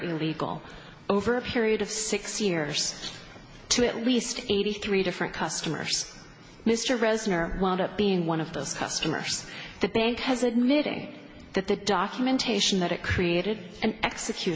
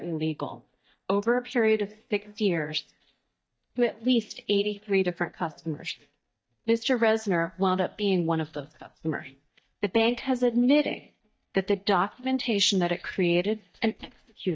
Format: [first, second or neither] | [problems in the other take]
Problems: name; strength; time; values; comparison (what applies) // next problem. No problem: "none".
first | noise reduction (neural mask model DeepFilterNet 3)